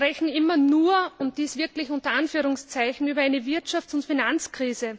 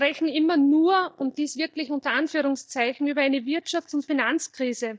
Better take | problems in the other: first | noise reduction (neural mask model DeepFilterNet 3)

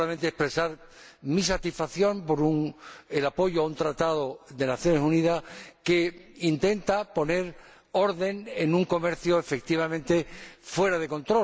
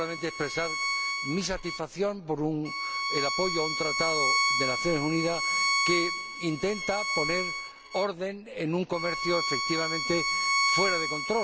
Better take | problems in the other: first | background sound (Bowed string instrument); 1 dB above the speech

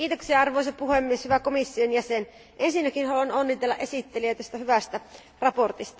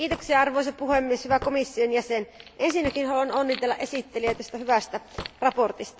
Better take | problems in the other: first | background sound (Hammer / Wood + Wood); 17 dB below the speech

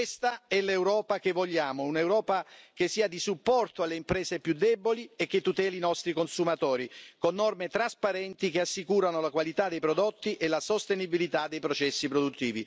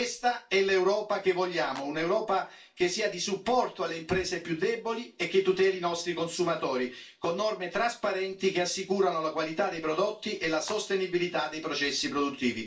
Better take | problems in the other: first | noise reduction (neural separator model SepFormer DNS4)

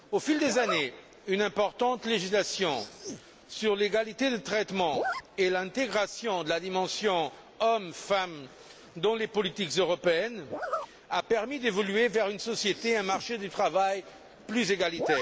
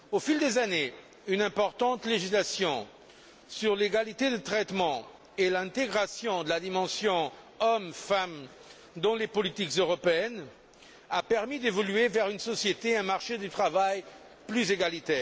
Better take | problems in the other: second | background sound (Zipper (clothing)); 13 dB below the speech

